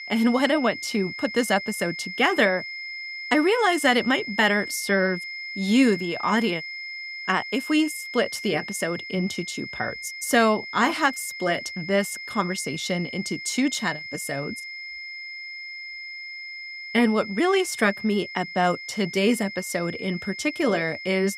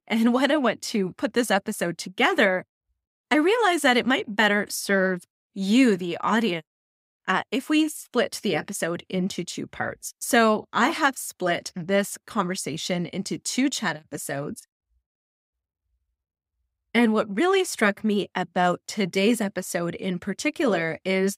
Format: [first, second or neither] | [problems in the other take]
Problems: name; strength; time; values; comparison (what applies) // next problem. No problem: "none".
second | high-pitched whine; loud; throughout; 2 kHz, 9 dB below the speech